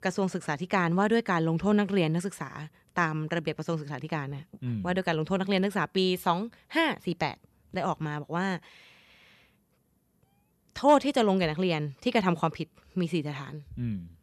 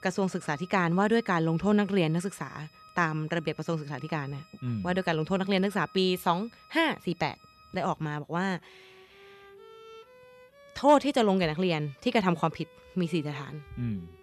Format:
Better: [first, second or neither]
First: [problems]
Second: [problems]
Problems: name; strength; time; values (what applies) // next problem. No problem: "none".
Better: first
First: none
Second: background music; faint; throughout; 25 dB below the speech